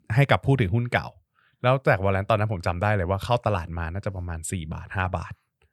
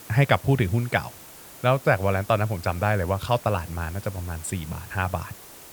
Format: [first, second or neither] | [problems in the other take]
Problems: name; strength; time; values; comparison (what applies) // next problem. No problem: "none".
first | hiss; noticeable; throughout; 15 dB below the speech